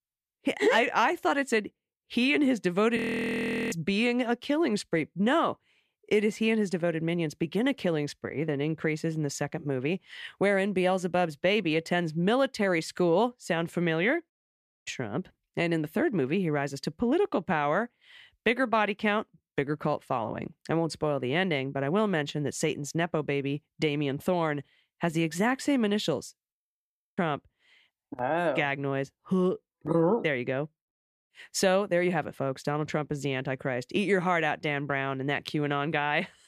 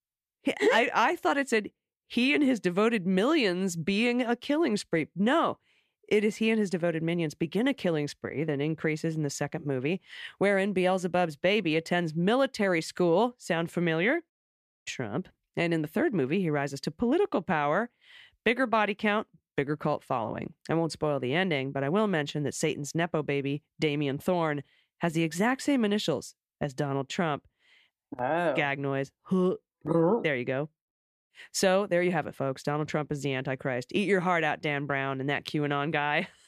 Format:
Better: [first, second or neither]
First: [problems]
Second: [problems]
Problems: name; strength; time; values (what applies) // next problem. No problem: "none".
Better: second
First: audio freezing; at 3 s for 1 s and at 27 s for 0.5 s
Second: none